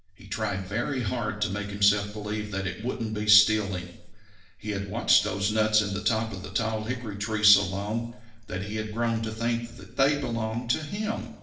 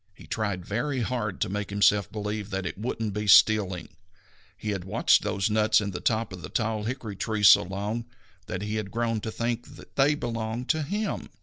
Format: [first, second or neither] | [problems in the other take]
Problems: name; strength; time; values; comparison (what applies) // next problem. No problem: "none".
second | room echo; dies away in 0.9 s